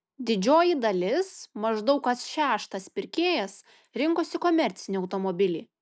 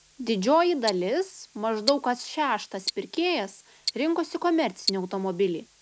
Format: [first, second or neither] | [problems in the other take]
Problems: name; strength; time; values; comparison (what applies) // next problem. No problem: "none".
first | background sound (Tick-tock); 11 dB below the speech